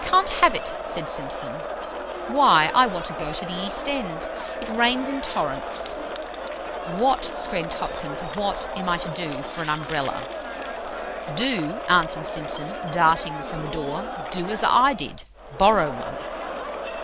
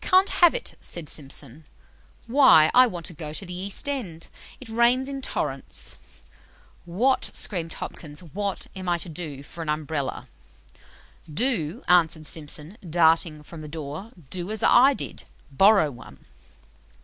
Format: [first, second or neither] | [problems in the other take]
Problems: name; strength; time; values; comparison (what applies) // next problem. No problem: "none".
second | background sound (Crowd); 6 dB below the speech